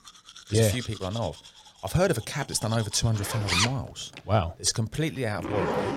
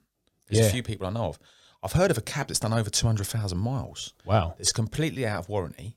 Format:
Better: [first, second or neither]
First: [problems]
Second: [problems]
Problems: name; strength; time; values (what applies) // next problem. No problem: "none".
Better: second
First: household noises; loud; throughout; 4 dB below the speech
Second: none